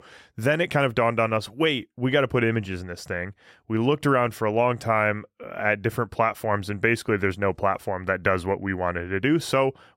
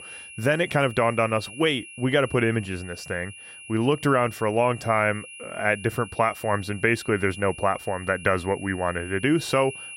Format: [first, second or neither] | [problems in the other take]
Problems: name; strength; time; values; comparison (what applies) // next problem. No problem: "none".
first | high-pitched whine; noticeable; throughout; 3 kHz, 15 dB below the speech